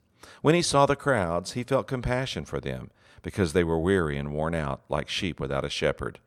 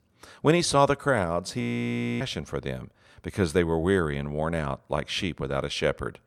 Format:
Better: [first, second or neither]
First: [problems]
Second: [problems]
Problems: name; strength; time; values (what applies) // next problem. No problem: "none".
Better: first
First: none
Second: audio freezing; at 1.5 s for 0.5 s